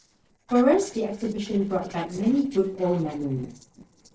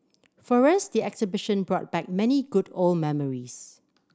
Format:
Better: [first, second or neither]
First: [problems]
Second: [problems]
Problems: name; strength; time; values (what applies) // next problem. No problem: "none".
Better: second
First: noise reduction (neural separator model SepFormer DNS4)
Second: none